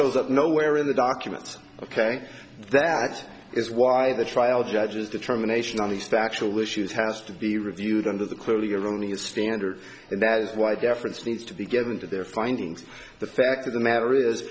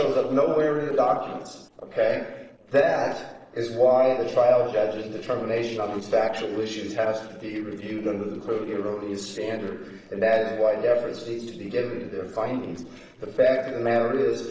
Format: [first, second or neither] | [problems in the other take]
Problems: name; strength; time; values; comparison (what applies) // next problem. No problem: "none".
first | noise reduction (neural separator model SepFormer DNS4)